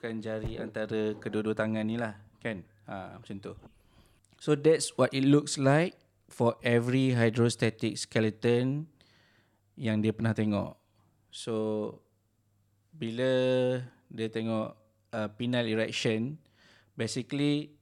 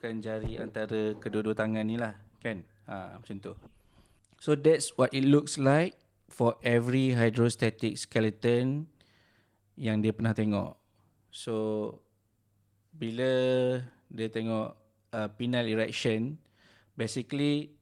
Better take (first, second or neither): first